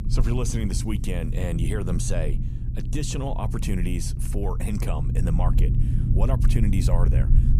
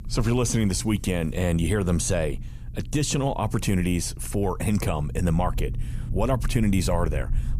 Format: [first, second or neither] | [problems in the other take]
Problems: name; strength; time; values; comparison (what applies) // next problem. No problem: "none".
second | low rumble; loud; throughout; 6 dB below the speech; faint in the second